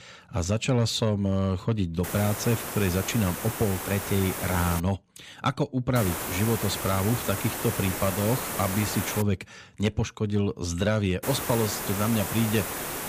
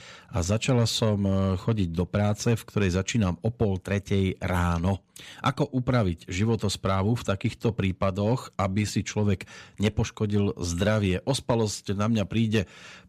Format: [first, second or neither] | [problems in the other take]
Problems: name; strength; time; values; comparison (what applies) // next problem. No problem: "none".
second | hiss; loud; from 2 to 5 s, from 6 to 9 s and from 11 s on; 4 dB below the speech